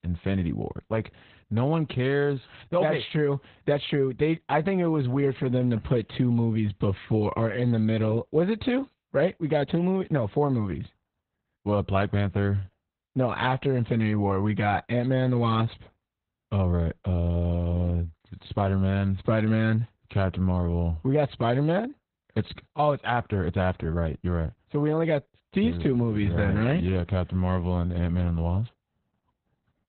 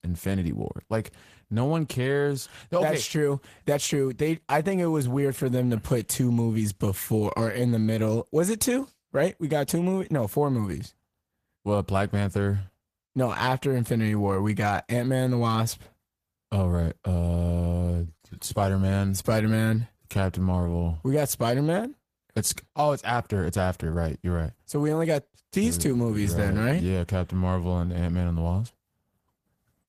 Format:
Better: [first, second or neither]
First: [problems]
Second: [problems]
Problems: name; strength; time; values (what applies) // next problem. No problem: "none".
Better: second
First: garbled, watery; badly; nothing above 4 kHz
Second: garbled, watery; slightly; nothing above 14.5 kHz